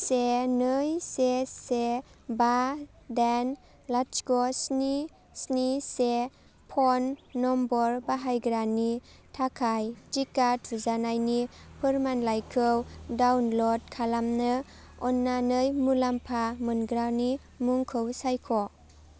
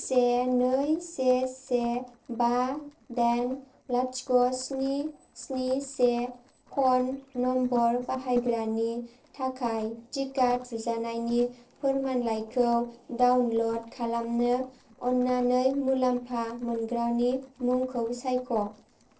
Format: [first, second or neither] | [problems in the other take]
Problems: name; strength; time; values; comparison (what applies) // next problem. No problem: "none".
first | noise reduction (neural separator model SepFormer DNS4)